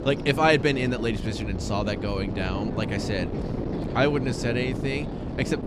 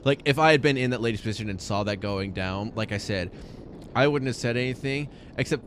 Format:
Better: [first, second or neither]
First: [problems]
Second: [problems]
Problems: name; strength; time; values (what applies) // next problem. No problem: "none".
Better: second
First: wind noise on the microphone; heavy; 9 dB below the speech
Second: wind noise on the microphone; occasional gusts; 25 dB below the speech